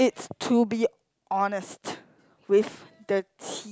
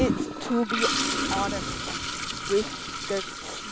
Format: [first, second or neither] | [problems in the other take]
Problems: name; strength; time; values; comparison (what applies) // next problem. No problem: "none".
first | background sound (Toilet flush); 1 dB above the speech